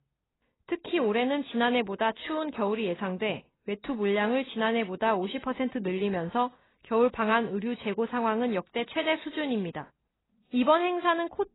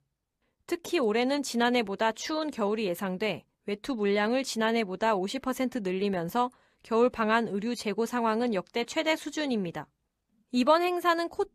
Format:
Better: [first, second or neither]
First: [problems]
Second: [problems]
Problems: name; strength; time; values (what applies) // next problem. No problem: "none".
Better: second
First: garbled, watery; badly; nothing above 4 kHz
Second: none